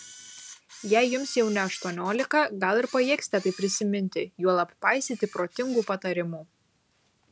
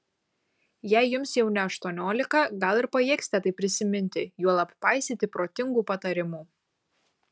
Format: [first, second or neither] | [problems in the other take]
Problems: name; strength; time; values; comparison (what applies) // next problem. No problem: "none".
second | background sound (Camera); 20 dB below the speech